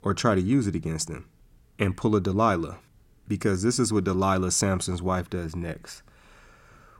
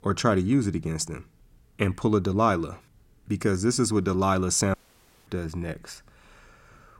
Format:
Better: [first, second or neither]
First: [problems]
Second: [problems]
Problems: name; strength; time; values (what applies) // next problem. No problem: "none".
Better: first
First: none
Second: audio cutting out; at 4.5 s for 0.5 s